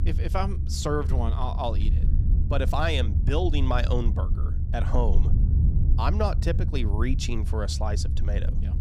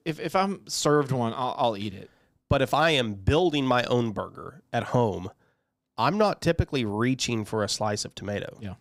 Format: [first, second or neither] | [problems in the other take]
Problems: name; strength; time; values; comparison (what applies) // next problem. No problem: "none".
second | low rumble; noticeable; throughout; 10 dB below the speech